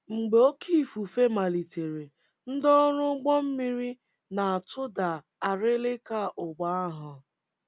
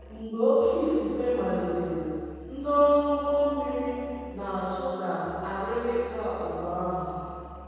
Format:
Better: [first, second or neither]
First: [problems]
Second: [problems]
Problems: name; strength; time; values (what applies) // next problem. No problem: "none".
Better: first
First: none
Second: background sound (Musical instrument); 18 dB below the speech // room echo; dies away in 2.2 s